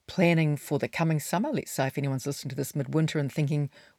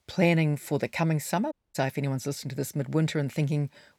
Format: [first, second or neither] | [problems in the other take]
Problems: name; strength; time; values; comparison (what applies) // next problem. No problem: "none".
first | audio cutting out; at 1.5 s